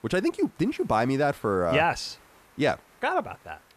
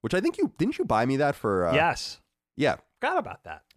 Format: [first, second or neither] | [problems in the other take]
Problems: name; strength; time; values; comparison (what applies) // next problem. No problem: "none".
second | hiss; faint; throughout; 30 dB below the speech